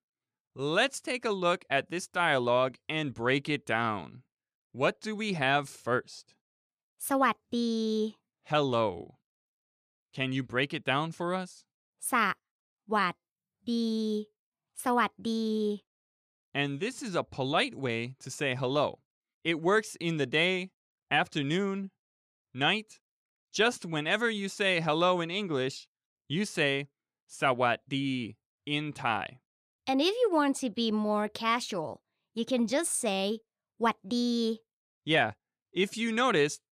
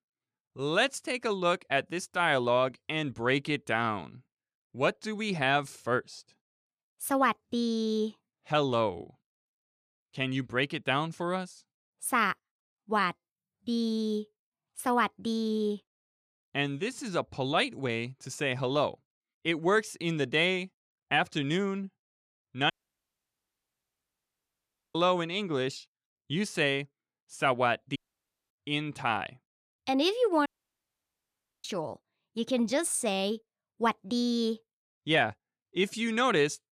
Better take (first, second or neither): first